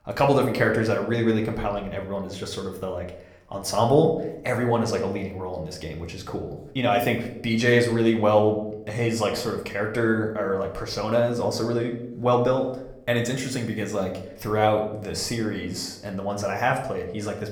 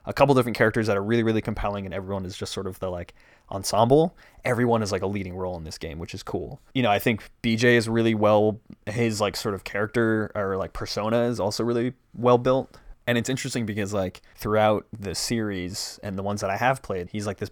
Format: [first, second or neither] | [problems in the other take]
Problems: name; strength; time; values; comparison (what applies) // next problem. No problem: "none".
second | room echo; slight; dies away in 0.6 s // off-mic speech; somewhat distant